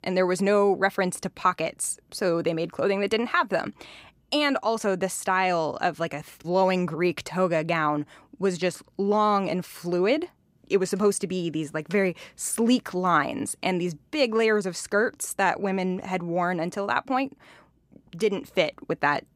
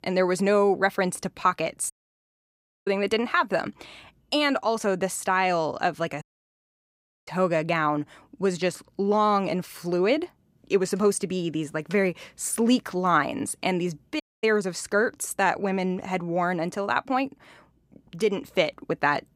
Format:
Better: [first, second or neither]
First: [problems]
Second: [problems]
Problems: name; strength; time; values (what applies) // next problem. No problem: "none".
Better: first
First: none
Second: audio cutting out; at 2 s for 1 s, at 6 s for 1 s and at 14 s